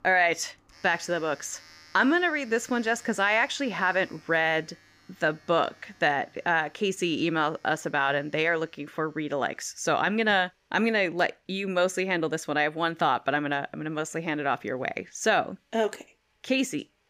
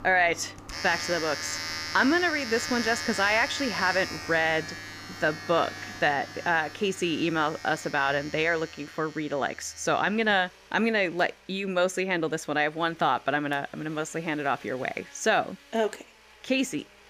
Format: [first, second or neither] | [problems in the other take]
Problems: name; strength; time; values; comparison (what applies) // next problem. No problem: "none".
first | household noises; loud; throughout; 8 dB below the speech; faint in the first